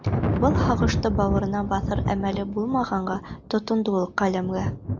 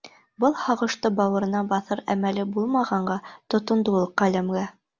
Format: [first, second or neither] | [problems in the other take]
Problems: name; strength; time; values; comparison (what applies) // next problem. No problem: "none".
second | background sound (Thunder); 2 dB below the speech